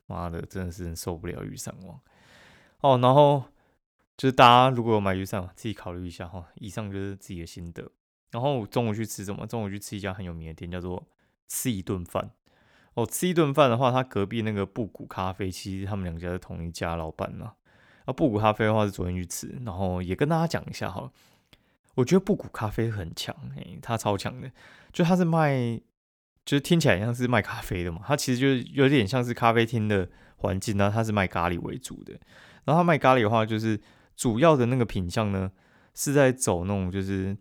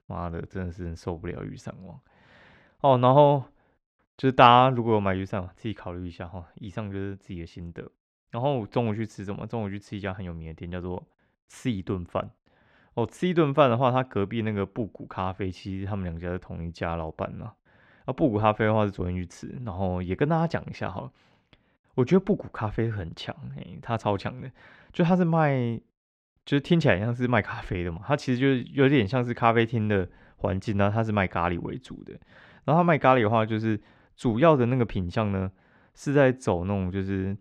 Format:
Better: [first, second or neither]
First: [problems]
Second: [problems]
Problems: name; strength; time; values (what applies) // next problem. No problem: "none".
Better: first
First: none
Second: muffled; slightly; fading above 3 kHz